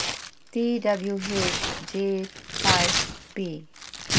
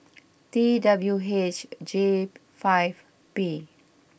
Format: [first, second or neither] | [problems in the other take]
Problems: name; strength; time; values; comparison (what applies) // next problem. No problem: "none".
second | background sound (Tearing); as loud as the speech